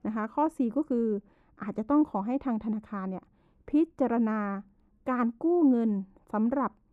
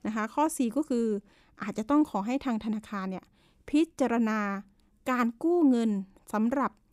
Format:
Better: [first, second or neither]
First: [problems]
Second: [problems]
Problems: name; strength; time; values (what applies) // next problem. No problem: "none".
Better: second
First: muffled; very; fading above 2.5 kHz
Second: none